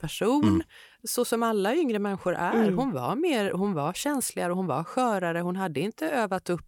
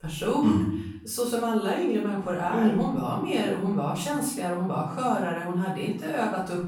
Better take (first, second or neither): first